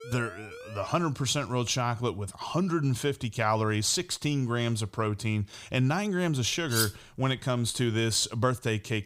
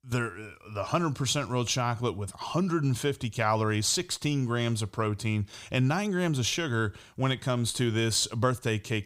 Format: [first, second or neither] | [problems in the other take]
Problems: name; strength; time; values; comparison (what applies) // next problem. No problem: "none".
second | siren; faint; until 1 s; peak 15 dB below the speech // clattering dishes; noticeable; at 6.5 s; peak 1 dB below the speech